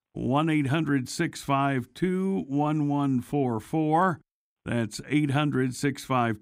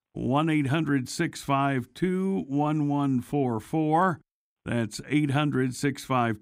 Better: neither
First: none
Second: none

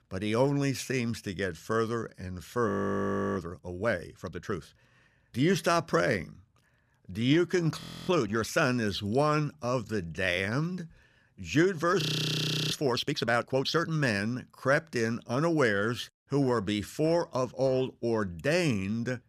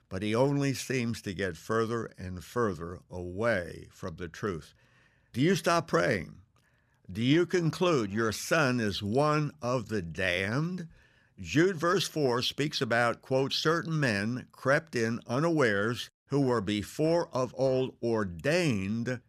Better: second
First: audio freezing; at 2.5 s for 0.5 s, at 8 s and at 12 s for 0.5 s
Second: none

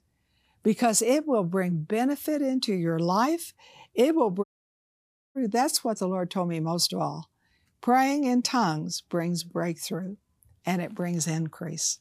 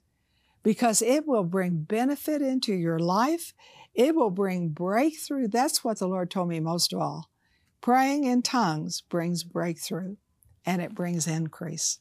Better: second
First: audio cutting out; at 4.5 s for 1 s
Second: none

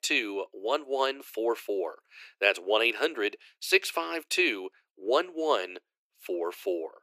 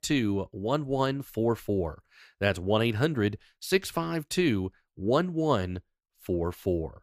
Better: second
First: thin; very; fading below 350 Hz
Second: none

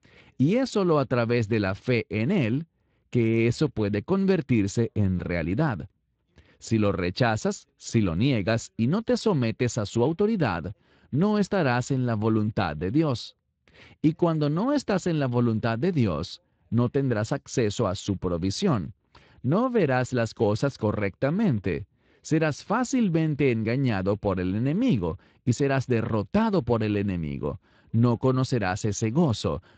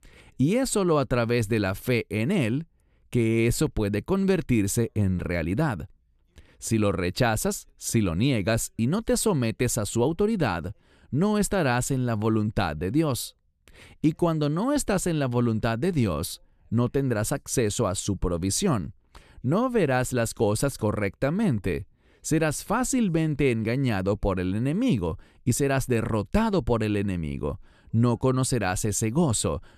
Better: second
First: garbled, watery; slightly; nothing above 7.5 kHz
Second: none

